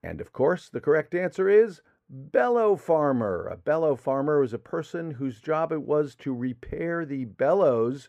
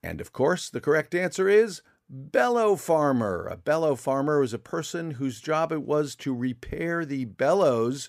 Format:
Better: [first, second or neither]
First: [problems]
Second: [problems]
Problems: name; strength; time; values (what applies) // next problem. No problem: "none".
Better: second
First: muffled; slightly; fading above 3 kHz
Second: none